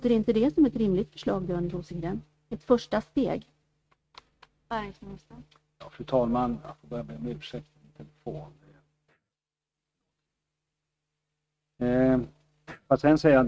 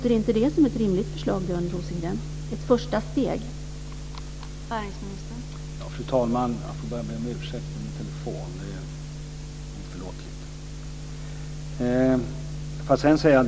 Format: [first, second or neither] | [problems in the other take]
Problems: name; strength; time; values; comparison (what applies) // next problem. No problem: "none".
second | noise reduction (neural mask model RNNoise)